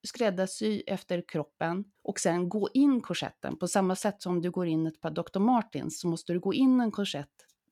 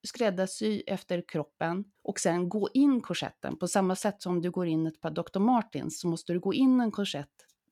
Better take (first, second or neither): neither